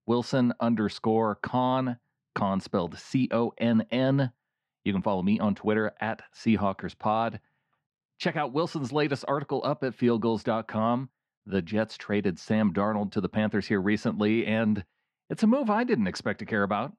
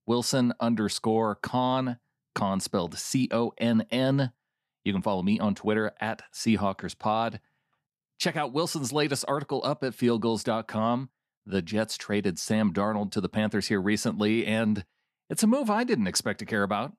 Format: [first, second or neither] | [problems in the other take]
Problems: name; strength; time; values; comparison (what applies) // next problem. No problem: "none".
second | muffled; slightly; fading above 3 kHz